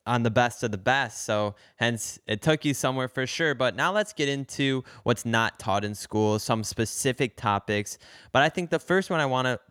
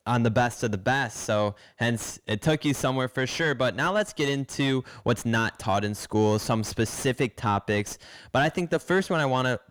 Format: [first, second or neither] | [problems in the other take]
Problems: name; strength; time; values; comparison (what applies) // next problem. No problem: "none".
first | distortion; slight; 10 dB below the speech